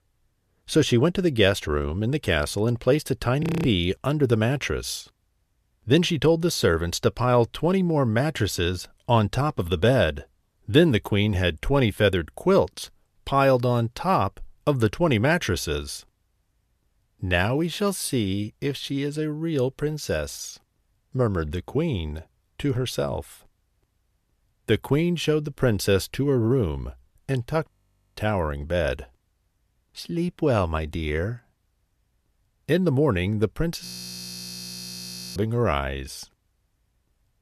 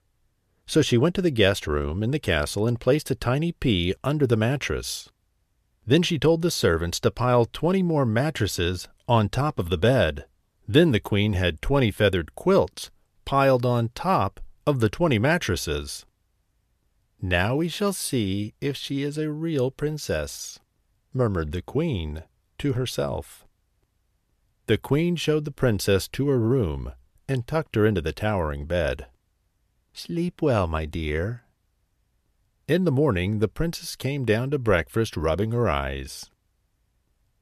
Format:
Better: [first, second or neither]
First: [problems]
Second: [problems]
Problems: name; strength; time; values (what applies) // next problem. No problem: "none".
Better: second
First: audio freezing; at 3.5 s, at 28 s and at 34 s for 1.5 s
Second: none